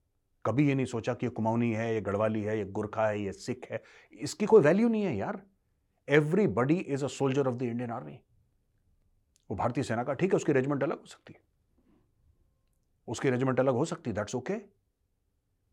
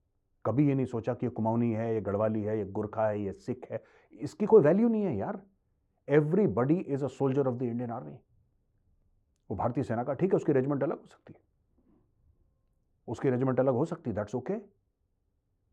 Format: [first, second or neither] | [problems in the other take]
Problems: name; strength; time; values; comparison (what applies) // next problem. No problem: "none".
first | muffled; slightly; fading above 1.5 kHz